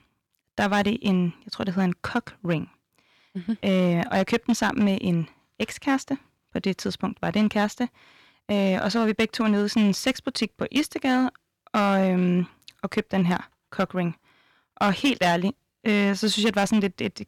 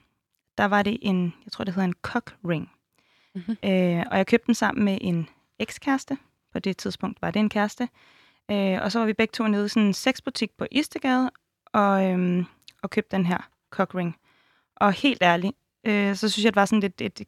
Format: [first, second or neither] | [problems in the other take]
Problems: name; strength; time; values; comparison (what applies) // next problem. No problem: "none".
second | distortion; slight; 5% of the sound clipped